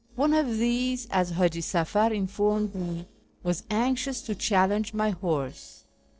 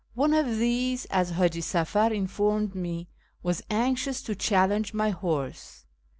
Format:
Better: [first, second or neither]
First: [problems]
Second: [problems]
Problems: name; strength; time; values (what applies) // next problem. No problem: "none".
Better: second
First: noise reduction (neural separator model SepFormer DNS4)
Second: none